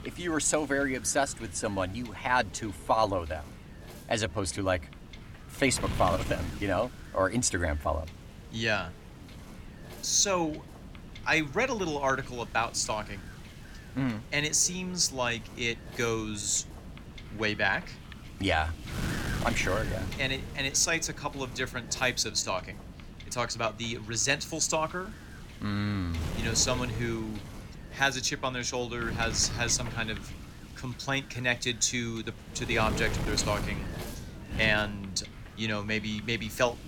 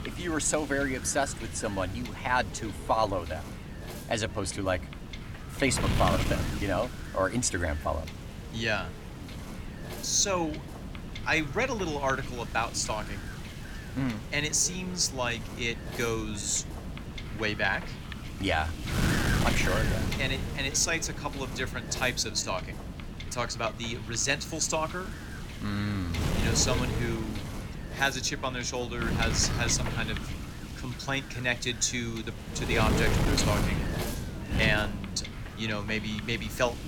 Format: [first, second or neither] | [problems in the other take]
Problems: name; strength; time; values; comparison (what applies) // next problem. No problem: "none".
first | wind noise on the microphone; heavy; 9 dB below the speech; occasional gusts in the first